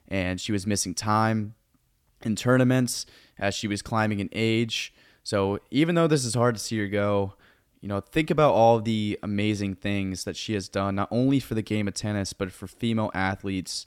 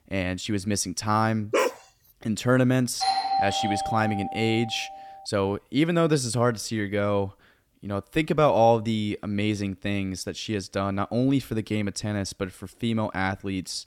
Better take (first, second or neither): first